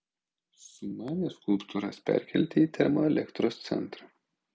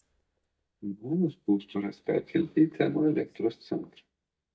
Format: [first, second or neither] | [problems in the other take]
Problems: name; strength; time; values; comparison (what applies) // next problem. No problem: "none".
first | noise reduction (neural mask model DeepFilterNet 3)